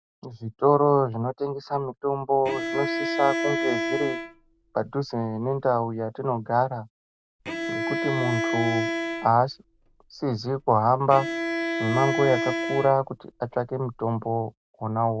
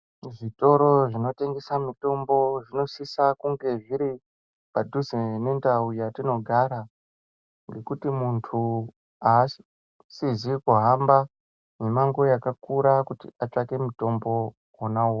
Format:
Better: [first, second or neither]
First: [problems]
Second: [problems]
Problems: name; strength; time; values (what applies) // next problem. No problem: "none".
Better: second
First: background sound (Bowed string instrument); 4 dB below the speech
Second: none